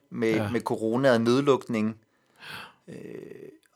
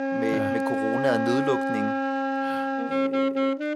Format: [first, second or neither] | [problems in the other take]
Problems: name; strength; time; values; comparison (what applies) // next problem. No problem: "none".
first | background music; very loud; throughout; 2 dB above the speech